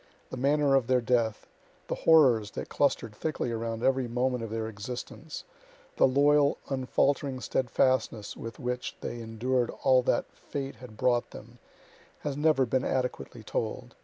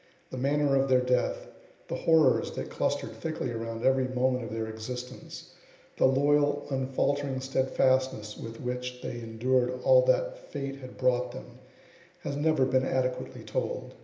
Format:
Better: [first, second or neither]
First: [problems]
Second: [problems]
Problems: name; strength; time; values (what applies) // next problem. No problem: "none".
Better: first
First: none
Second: room echo; dies away in 0.8 s